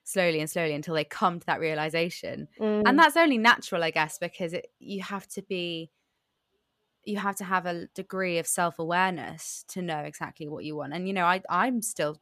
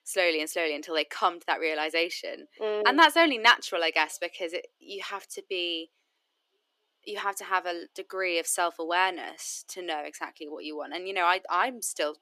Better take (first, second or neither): first